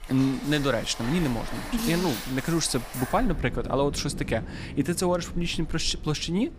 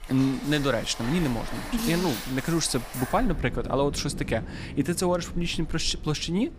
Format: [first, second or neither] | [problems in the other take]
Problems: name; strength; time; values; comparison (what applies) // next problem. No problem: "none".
neither | rain or running water; loud; throughout; 10 dB below the speech; the same in both